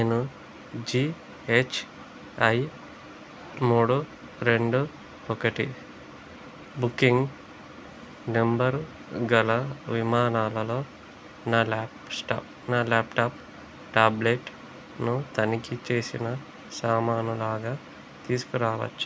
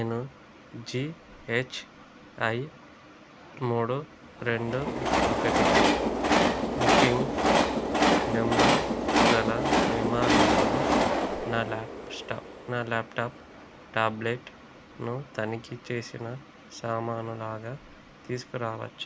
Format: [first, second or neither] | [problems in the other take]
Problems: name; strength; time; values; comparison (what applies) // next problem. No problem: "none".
first | background sound (Train); 5 dB above the speech